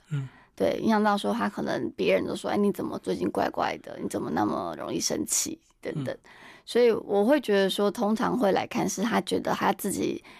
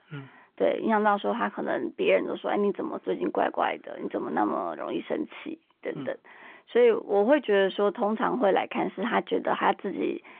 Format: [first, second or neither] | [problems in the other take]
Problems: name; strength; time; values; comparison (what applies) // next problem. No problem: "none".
first | phone-call audio